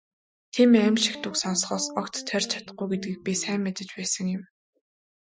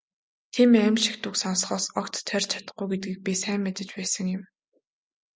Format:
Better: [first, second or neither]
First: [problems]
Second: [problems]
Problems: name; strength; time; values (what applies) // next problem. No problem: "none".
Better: second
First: noise reduction (classical method Wiener filter)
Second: none